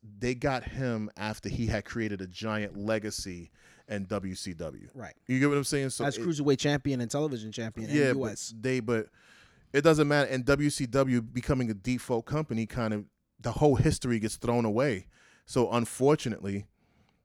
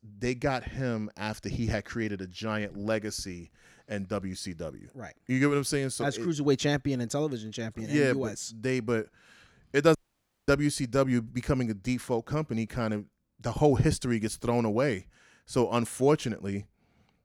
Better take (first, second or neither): first